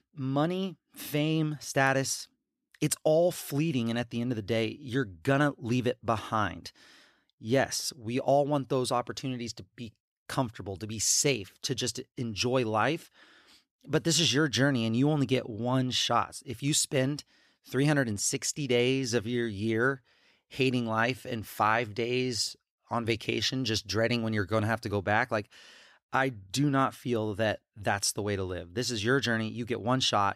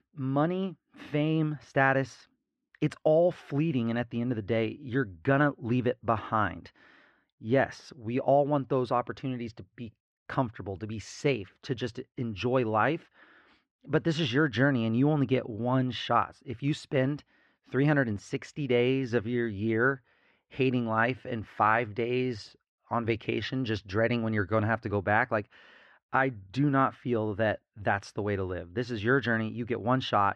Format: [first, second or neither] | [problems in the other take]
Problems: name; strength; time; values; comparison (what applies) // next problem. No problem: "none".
first | muffled; very; fading above 2 kHz